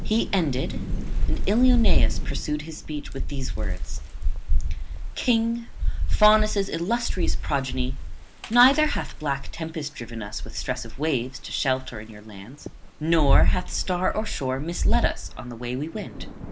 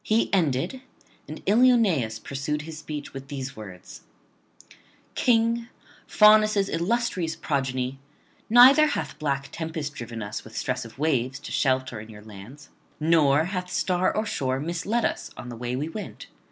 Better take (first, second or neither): second